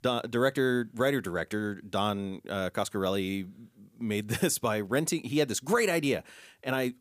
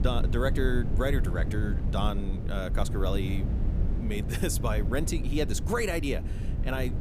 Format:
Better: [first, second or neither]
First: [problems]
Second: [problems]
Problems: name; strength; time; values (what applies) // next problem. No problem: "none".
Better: first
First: none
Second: wind noise on the microphone; heavy; 10 dB below the speech